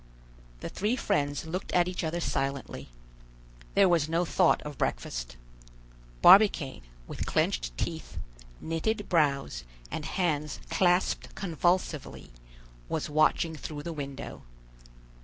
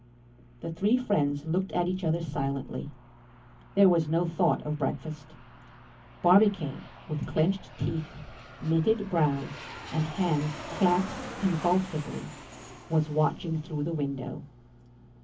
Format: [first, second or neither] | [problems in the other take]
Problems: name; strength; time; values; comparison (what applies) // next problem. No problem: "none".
first | background sound (Aircraft); 17 dB below the speech // room echo; dies away in 0.3 s